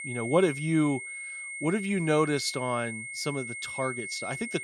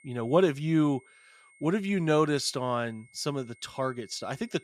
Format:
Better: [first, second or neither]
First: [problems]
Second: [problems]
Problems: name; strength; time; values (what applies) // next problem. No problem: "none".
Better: second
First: high-pitched whine; loud; throughout; 2 kHz, 7 dB below the speech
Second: high-pitched whine; faint; throughout; 2 kHz, 30 dB below the speech